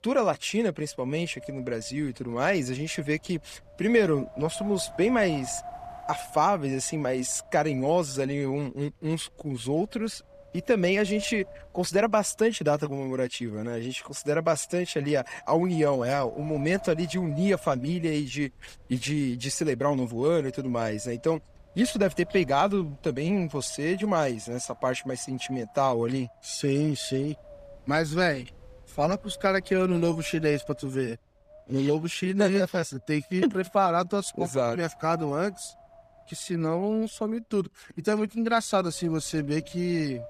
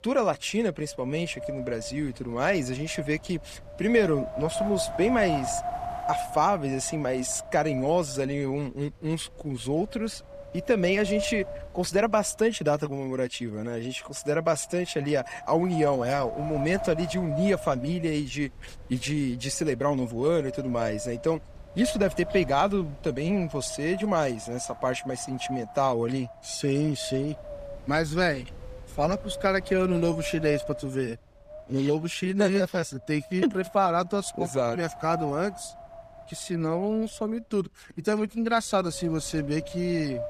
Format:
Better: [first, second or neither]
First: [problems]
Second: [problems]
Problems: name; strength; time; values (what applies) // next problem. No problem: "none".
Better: first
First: wind noise on the microphone; occasional gusts; 15 dB below the speech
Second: wind noise on the microphone; heavy; 8 dB below the speech